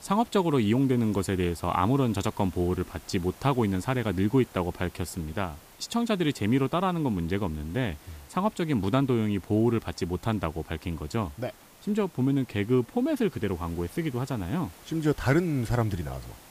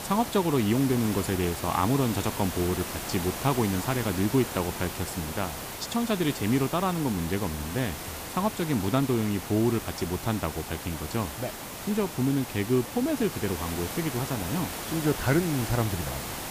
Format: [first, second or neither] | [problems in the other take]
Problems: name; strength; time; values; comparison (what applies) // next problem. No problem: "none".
first | hiss; loud; throughout; 7 dB below the speech; faint in the first